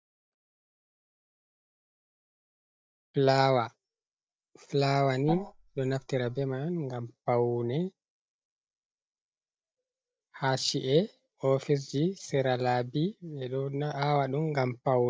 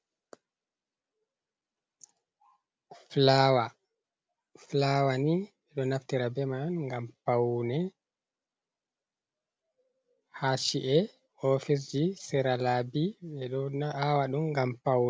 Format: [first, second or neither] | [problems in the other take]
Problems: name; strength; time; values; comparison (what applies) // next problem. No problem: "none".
second | noise reduction (neural mask model DeepFilterNet 3)